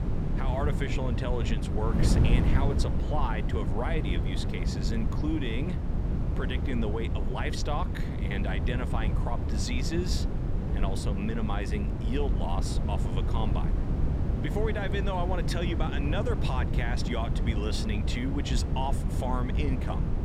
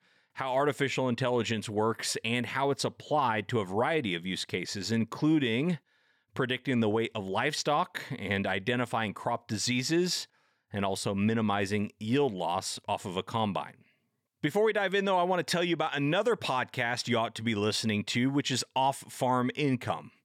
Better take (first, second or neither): second